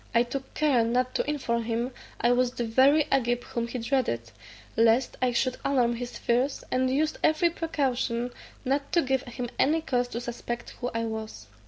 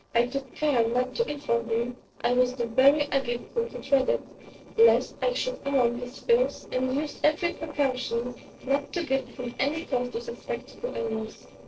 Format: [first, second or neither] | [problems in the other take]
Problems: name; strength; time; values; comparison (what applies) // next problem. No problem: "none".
first | noise reduction (neural separator model SepFormer DNS4)